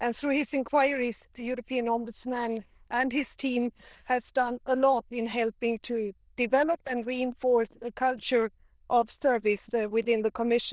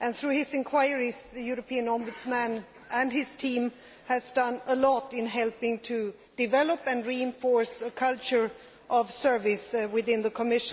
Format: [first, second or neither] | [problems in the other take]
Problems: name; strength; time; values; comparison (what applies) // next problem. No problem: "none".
second | noise reduction (neural diffusion model UNIVERSE++)